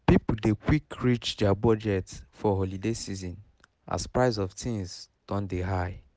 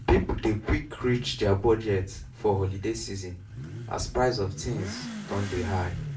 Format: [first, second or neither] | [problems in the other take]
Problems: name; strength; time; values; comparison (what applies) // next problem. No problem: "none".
first | background sound (Motorcycle / Accelerating, revving, vroom); 11 dB below the speech // room echo; dies away in 0.3 s